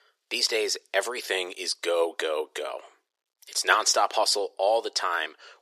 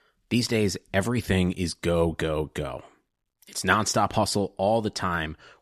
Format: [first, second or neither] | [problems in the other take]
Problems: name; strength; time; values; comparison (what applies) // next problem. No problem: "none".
second | thin; very; fading below 400 Hz